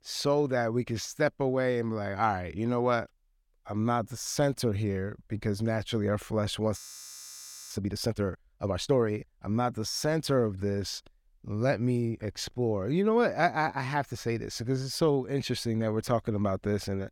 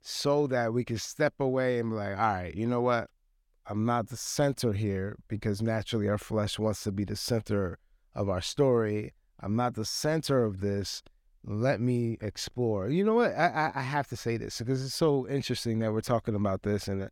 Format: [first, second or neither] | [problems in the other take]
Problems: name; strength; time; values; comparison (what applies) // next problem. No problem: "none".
second | audio freezing; at 7 s for 1 s